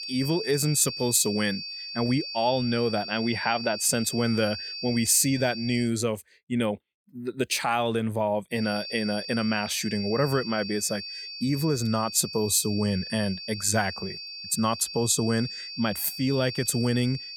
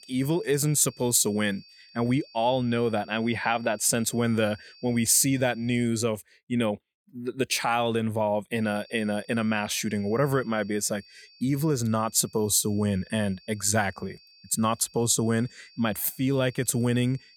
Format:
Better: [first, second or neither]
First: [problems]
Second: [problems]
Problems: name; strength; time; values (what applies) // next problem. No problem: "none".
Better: second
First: high-pitched whine; loud; until 6 s and from 8.5 s on; 4.5 kHz, 8 dB below the speech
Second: high-pitched whine; faint; until 6 s and from 8.5 s on; 4.5 kHz, 25 dB below the speech